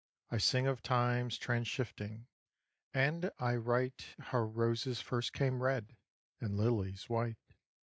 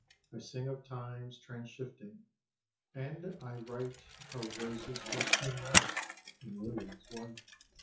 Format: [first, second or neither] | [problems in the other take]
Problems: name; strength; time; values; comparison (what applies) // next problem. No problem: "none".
first | noise reduction (classical method WPE with log-MMSE)